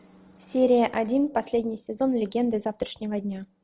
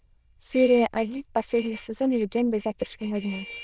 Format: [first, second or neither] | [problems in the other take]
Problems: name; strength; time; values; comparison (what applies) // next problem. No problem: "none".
first | noise reduction (neural diffusion model UNIVERSE++)